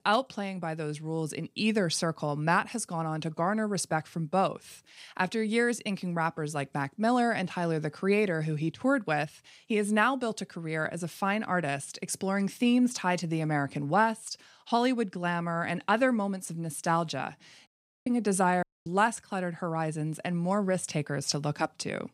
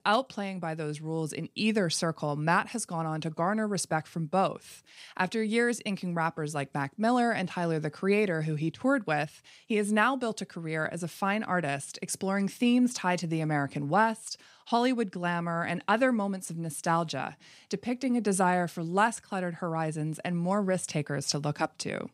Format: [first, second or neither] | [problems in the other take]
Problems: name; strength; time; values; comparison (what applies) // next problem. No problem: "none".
second | audio cutting out; at 18 s and at 19 s